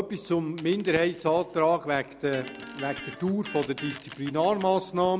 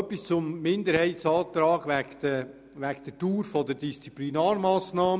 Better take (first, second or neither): second